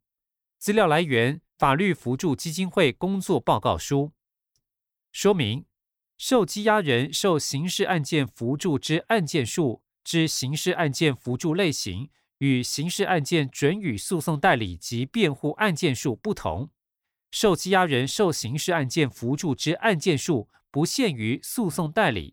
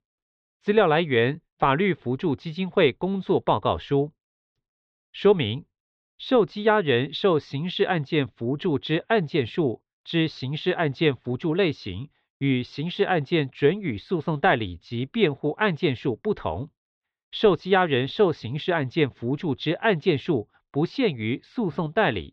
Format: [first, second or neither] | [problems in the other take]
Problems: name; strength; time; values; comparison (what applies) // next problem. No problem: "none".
first | muffled; very; fading above 3.5 kHz